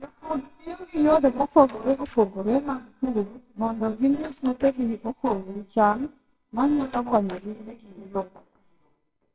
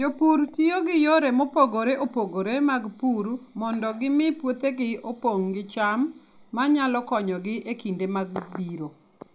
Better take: second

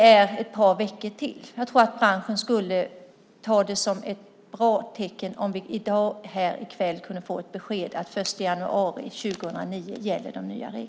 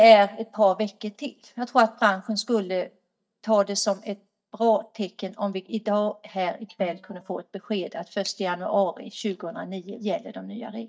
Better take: first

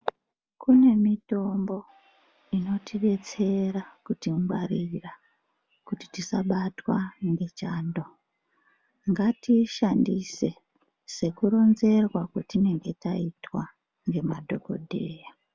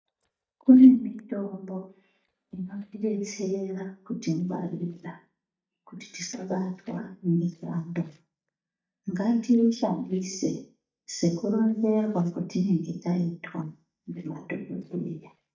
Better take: first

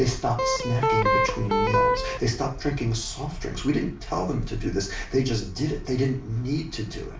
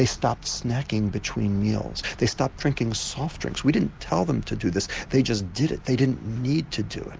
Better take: second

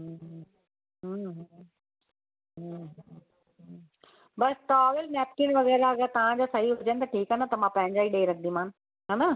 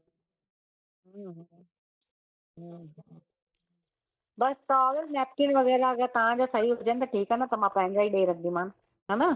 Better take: first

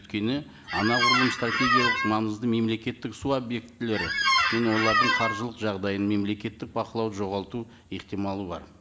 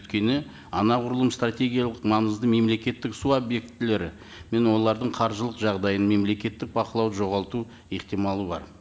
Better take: second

